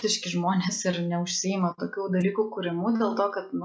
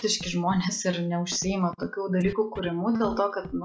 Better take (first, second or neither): first